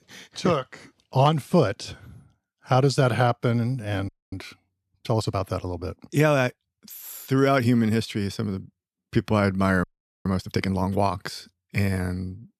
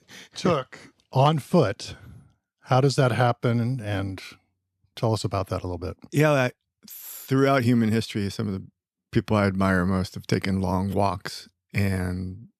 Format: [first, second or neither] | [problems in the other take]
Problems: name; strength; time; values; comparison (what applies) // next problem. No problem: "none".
second | audio freezing; at 4 s and at 10 s